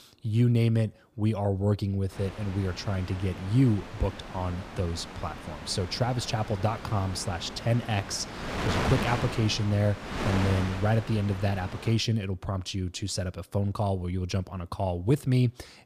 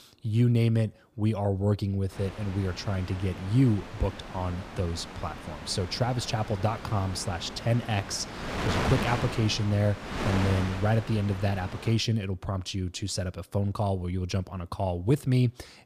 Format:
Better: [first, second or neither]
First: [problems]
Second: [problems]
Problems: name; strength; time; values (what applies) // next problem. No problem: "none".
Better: neither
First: wind noise on the microphone; heavy; from 2 to 12 s; 4 dB below the speech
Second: wind noise on the microphone; heavy; from 2 to 12 s; 4 dB below the speech